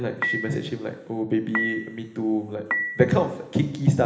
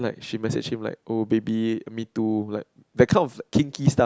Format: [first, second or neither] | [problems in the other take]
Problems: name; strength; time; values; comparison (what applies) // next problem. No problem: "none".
second | background sound (Dishes, pots, and pans / Chink, clink); 7 dB below the speech // room echo; dies away in 1.1 s